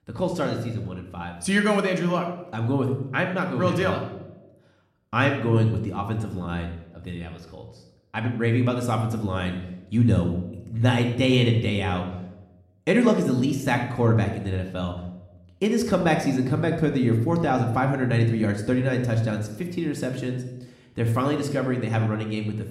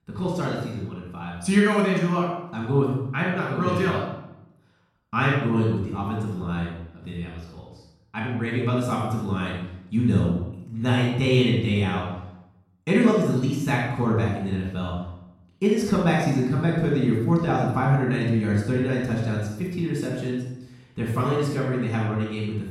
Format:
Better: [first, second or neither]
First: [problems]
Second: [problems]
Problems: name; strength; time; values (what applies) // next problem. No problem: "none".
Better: first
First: room echo; slight; dies away in 0.7 s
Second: room echo; strong; dies away in 0.7 s // off-mic speech; far